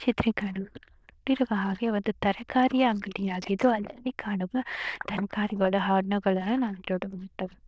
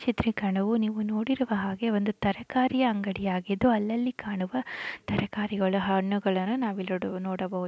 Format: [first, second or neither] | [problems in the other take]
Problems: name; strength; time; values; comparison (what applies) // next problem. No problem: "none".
second | noise reduction (neural diffusion model UNIVERSE++)